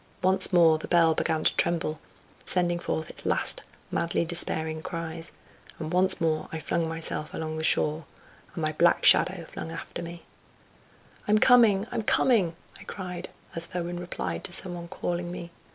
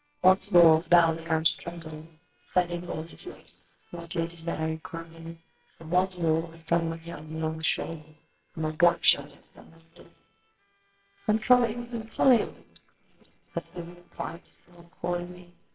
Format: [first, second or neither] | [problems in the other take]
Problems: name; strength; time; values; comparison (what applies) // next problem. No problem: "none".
first | noise reduction (neural separator model SepFormer WHAMR!)